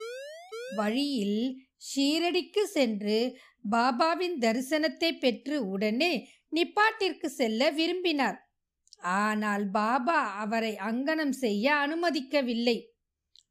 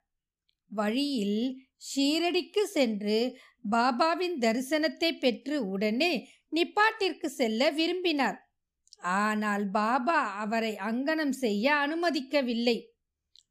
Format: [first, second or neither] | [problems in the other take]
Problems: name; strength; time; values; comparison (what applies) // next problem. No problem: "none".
second | siren; faint; until 1 s; peak 10 dB below the speech